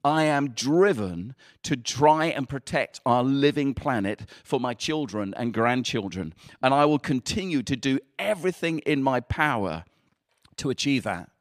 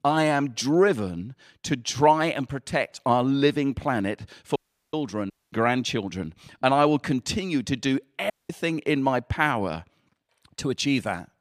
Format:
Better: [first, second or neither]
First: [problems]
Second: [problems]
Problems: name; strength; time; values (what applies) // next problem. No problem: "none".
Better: first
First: none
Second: audio cutting out; at 4.5 s, at 5.5 s and at 8.5 s